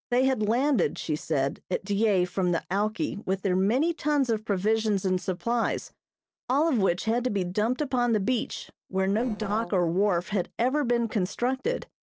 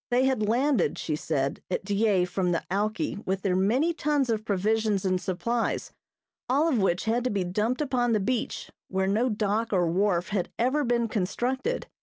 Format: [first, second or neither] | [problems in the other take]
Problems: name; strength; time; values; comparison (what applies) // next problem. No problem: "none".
second | noise reduction (neural separator model SepFormer DNS4)